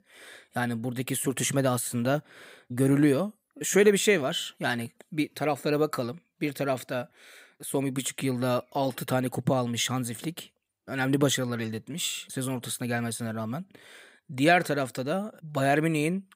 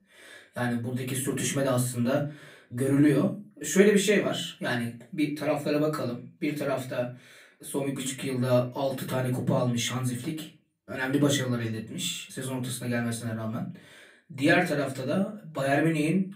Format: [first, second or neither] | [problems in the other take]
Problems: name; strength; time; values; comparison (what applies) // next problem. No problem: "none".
first | off-mic speech; far // room echo; very slight; dies away in 0.3 s